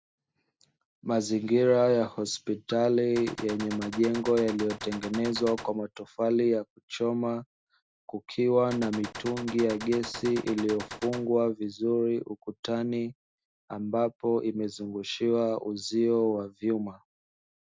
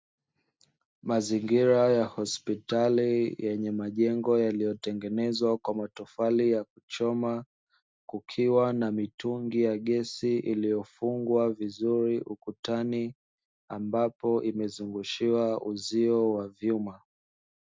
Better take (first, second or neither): second